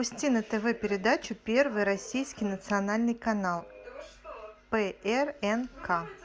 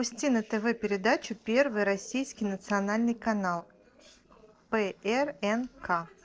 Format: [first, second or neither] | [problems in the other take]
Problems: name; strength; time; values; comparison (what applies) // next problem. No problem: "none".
first | noise reduction (neural separator model SepFormer DNS4)